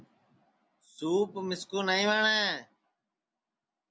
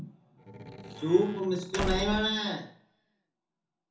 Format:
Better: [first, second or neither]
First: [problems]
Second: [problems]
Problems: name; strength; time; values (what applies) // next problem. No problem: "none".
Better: first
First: none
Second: background sound (Squeak / Slam / Wood); 6 dB below the speech // room echo; dies away in 0.6 s